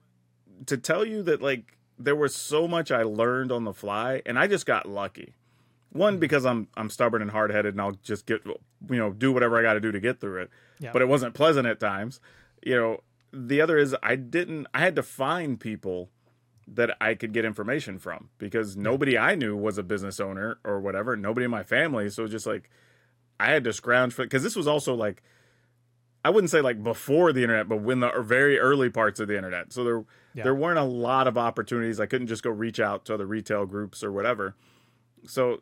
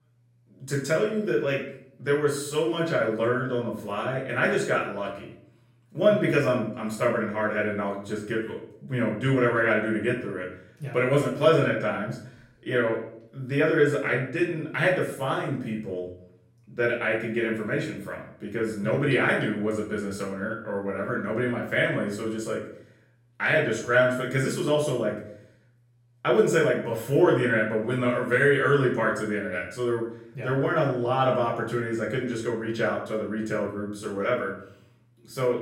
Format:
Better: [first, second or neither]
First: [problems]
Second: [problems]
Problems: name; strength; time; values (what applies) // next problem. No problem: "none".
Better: first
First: none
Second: room echo; noticeable; dies away in 0.5 s // off-mic speech; far